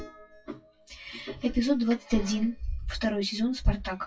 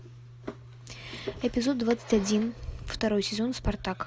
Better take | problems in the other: second | noise reduction (classical method WPE with log-MMSE)

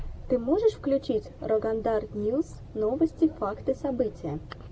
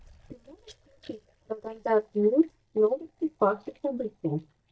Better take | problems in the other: first | noise reduction (neural mask model DeepFilterNet 3)

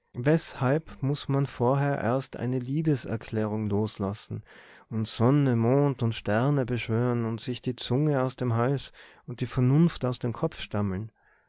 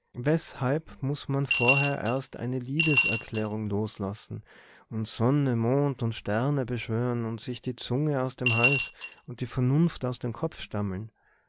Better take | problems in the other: first | background sound (Coin (dropping) / Glass); as loud as the speech

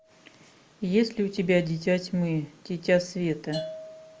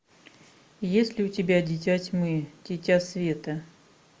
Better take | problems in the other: second | background sound (Bell / Percussion); 17 dB below the speech

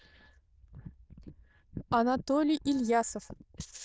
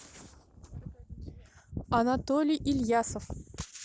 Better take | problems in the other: second | noise reduction (neural diffusion model UNIVERSE++)

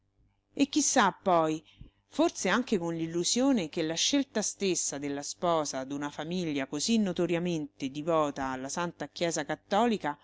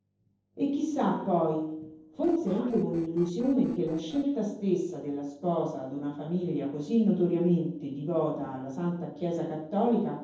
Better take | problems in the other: first | noise reduction (neural separator model SepFormer DNS4)

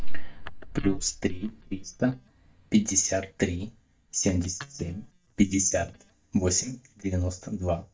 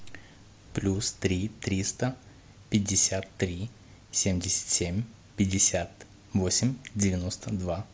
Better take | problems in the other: second | noise reduction (neural mask model DeepFilterNet 3)

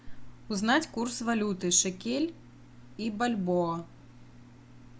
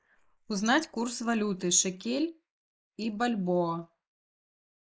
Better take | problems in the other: first | noise reduction (neural mask model Resemble Enhance denoiser)

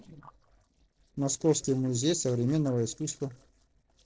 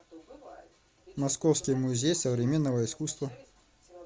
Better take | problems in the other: second | noise reduction (neural separator model SepFormer DNS4)

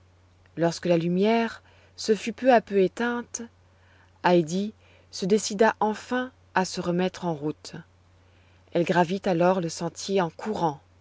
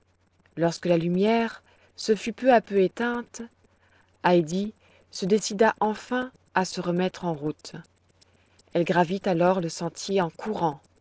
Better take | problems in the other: first | noise reduction (neural separator model SepFormer DNS4)

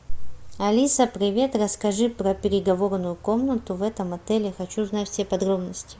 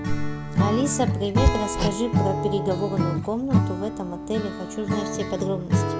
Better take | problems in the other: first | background sound (Hammer + Acoustic guitar / Strum); 3 dB above the speech

